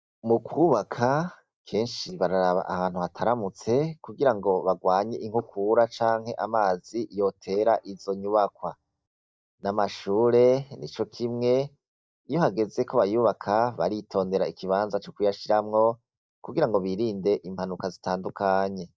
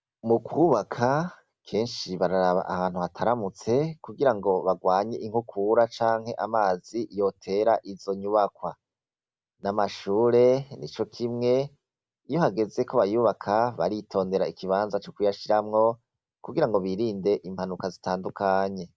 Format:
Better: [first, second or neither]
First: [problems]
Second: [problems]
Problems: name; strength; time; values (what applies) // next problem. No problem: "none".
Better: second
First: noise reduction (neural mask model DeepFilterNet 3)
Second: none